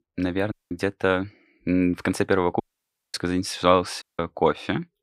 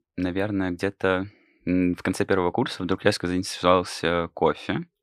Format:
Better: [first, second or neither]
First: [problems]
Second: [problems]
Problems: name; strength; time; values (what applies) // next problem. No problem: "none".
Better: second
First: audio cutting out; at 0.5 s, at 2.5 s for 0.5 s and at 4 s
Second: none